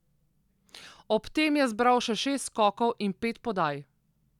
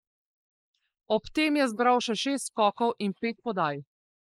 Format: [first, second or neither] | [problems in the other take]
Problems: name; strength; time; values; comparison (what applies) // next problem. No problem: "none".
first | noise reduction (neural mask model Resemble Enhance denoiser)